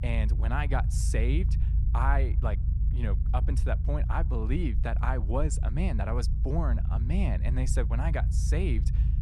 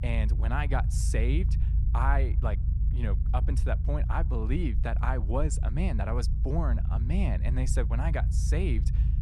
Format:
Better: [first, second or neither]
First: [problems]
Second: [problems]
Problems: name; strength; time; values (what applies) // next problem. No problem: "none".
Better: neither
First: low rumble; noticeable; throughout; 10 dB below the speech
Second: low rumble; noticeable; throughout; 10 dB below the speech